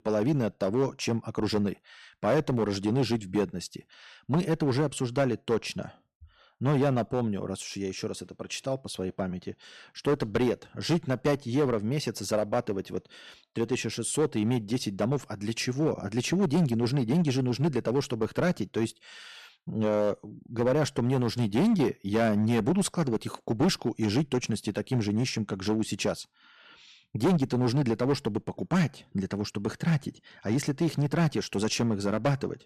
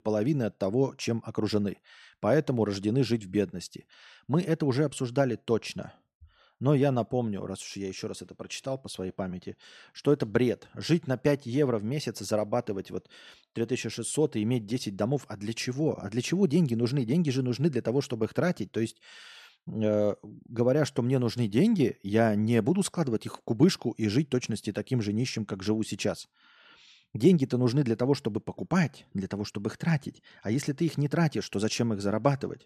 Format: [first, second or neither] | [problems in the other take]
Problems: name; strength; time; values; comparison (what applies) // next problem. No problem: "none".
second | distortion; slight; 6% of the sound clipped